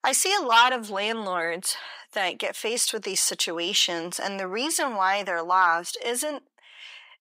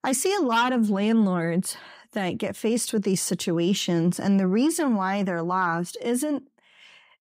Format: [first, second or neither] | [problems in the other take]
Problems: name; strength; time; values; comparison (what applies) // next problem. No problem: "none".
second | thin; very; fading below 700 Hz